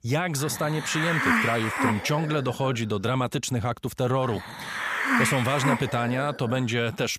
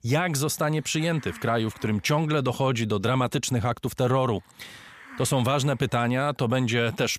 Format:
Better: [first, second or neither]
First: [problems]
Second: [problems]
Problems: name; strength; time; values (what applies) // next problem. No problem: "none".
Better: second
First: hiss; loud; throughout; as loud as the speech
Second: hiss; faint; throughout; 25 dB below the speech